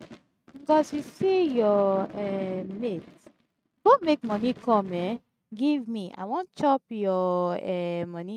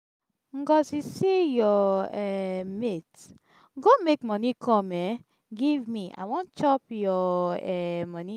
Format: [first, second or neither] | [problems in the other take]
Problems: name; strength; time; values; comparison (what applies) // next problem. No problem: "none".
second | noise reduction (neural mask model RNNoise)